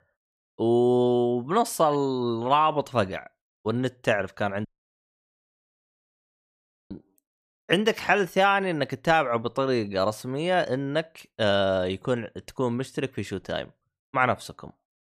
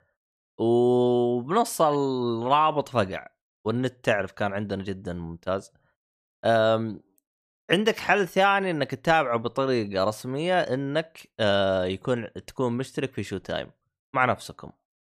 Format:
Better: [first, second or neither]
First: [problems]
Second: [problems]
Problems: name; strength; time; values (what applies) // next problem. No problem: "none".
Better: second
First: audio cutting out; at 4.5 s for 2.5 s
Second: none